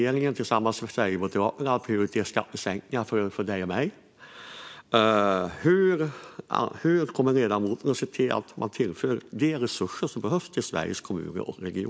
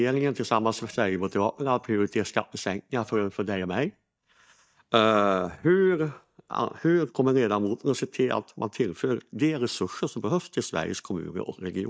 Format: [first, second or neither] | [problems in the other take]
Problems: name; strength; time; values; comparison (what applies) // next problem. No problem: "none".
first | noise reduction (neural mask model DeepFilterNet 3)